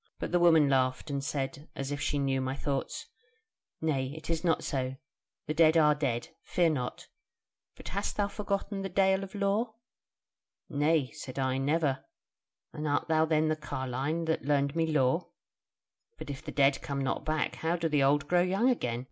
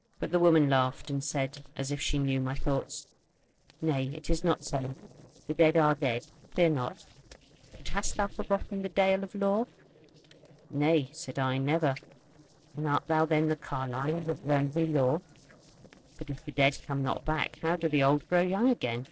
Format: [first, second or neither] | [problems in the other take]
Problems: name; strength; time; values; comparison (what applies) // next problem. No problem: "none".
first | noise reduction (neural separator model SepFormer DNS4)